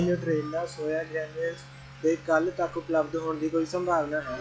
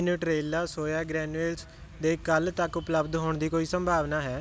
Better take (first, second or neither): second